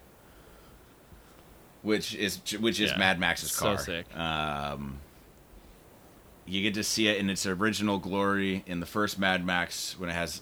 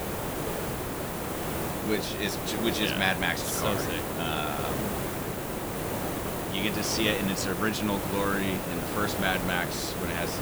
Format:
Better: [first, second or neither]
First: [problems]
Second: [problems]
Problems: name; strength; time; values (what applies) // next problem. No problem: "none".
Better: first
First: hiss; faint; throughout; 25 dB below the speech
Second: hiss; loud; throughout; 2 dB below the speech